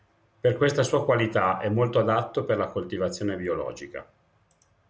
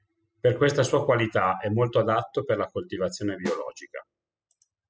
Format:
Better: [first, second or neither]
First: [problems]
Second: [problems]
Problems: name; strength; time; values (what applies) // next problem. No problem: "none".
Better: first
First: none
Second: noise reduction (classical method spectral subtraction)